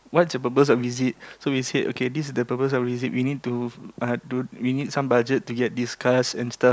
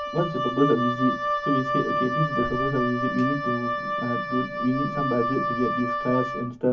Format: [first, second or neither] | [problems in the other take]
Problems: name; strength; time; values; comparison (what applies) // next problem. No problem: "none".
first | background sound (Wind instrument, woodwind instrument); 1 dB below the speech // room echo; dies away in 0.3 s